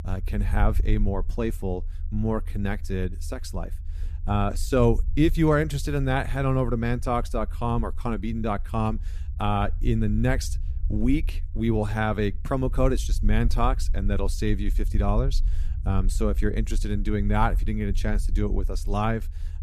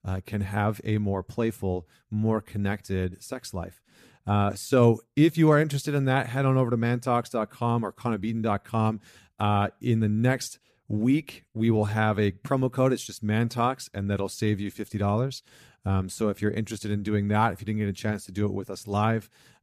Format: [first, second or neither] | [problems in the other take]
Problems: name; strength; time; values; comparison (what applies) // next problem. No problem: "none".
second | low rumble; faint; throughout; 25 dB below the speech